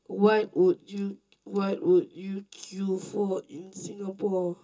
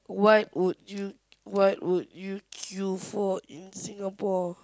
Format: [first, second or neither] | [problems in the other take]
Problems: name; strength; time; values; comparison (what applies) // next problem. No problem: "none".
second | room echo; dies away in 0.2 s